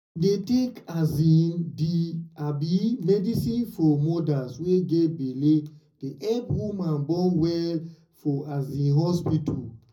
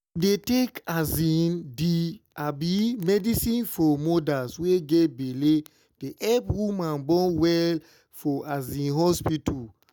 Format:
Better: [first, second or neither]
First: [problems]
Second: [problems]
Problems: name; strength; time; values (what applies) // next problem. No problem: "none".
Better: second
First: room echo; dies away in 0.4 s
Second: none